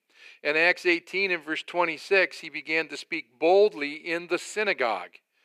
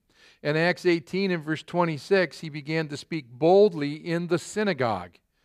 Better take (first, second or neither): second